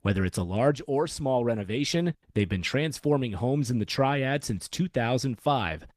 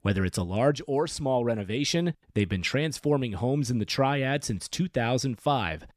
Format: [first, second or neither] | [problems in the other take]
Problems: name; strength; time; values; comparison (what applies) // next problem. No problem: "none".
second | garbled, watery; slightly; nothing above 14.5 kHz